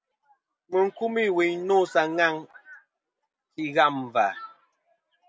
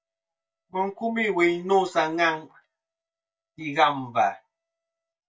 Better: first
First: none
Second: noise reduction (neural mask model DeepFilterNet 3)

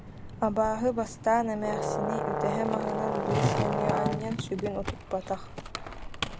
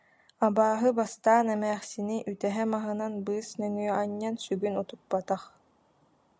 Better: second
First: background sound (Brass instrument + Skateboard); as loud as the speech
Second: none

